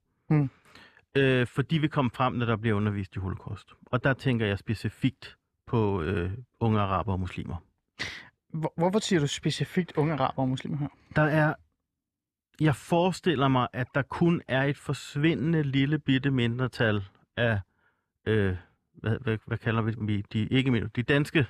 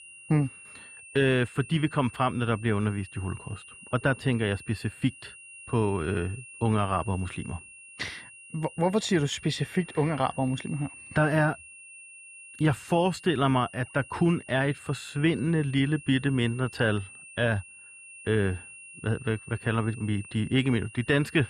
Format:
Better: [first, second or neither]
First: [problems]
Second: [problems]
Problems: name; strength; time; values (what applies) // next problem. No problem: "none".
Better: first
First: none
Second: high-pitched whine; noticeable; throughout; 2.5 kHz, 15 dB below the speech